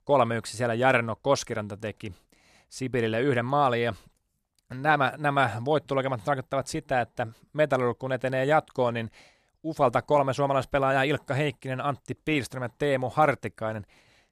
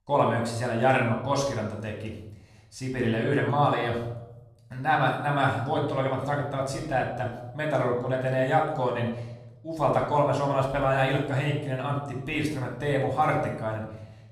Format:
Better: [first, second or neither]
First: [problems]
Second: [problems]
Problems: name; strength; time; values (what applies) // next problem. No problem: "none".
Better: first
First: none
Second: room echo; noticeable; dies away in 0.8 s // off-mic speech; somewhat distant